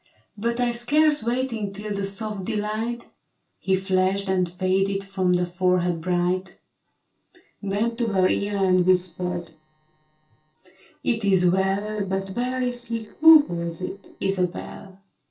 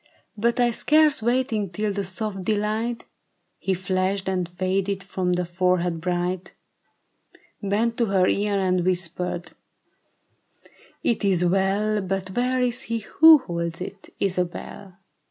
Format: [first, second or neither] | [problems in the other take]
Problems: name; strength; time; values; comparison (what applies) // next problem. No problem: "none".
second | noise reduction (neural separator model SepFormer DNS4)